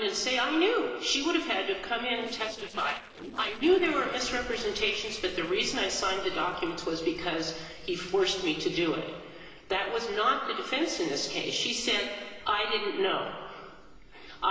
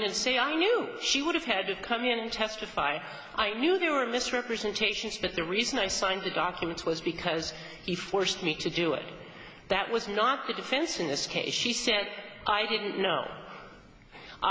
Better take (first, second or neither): second